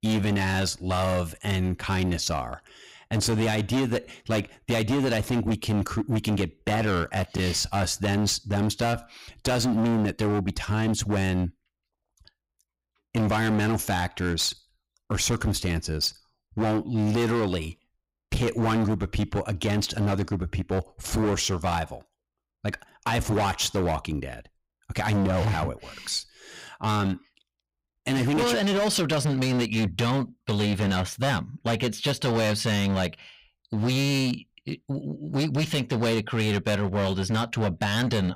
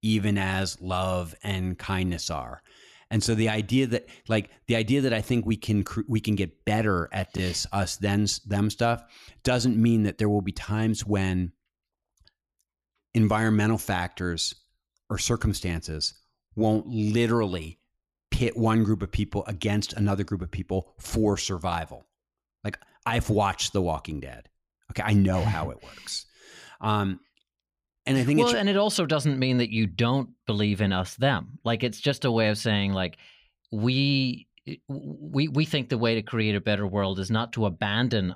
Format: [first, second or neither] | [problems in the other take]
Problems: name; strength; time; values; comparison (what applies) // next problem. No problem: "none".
second | distortion; heavy; 19% of the sound clipped